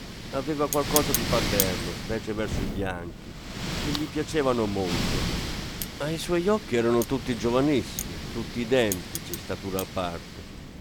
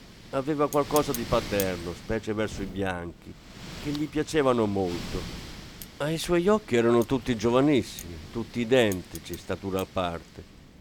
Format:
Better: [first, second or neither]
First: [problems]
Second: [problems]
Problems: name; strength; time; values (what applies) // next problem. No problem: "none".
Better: second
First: wind noise on the microphone; heavy; 4 dB below the speech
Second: wind noise on the microphone; occasional gusts; 15 dB below the speech